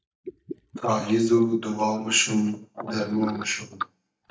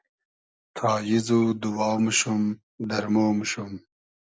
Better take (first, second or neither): second